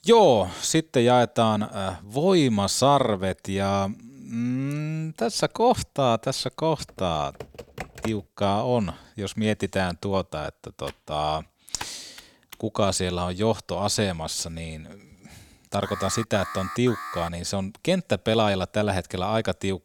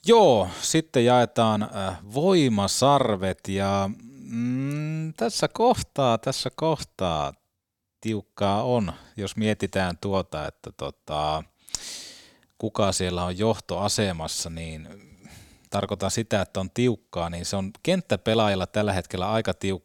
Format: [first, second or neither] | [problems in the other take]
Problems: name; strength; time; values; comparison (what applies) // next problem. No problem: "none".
second | keyboard typing; faint; from 7 to 8 s and from 11 to 13 s; peak 10 dB below the speech // alarm; noticeable; from 16 to 17 s; peak 9 dB below the speech